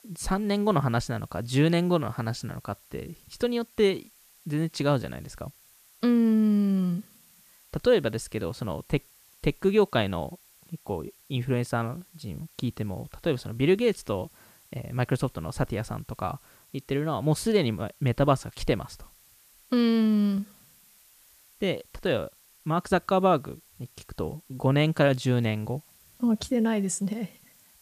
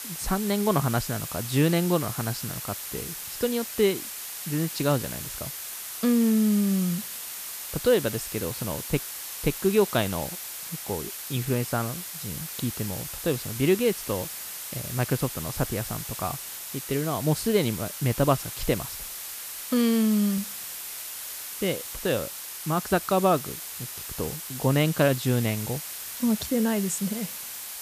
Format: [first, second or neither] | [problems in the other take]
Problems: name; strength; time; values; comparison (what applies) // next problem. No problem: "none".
first | hiss; loud; throughout; 7 dB below the speech; faint in the first